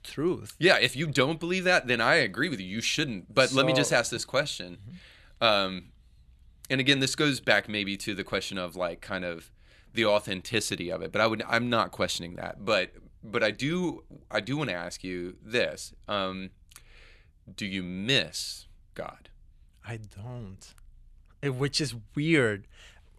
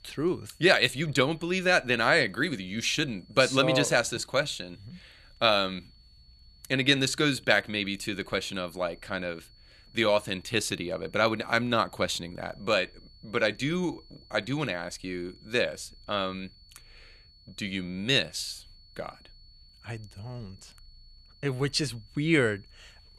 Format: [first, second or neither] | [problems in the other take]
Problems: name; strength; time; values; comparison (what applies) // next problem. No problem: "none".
first | high-pitched whine; faint; throughout; 4.5 kHz, 30 dB below the speech